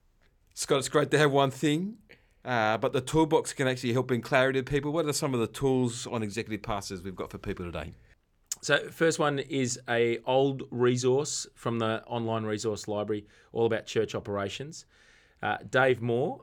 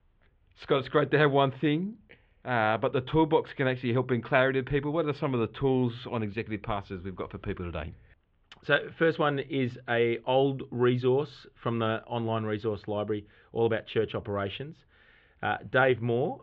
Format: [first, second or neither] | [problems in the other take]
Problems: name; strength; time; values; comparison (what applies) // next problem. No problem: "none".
first | muffled; very; fading above 3.5 kHz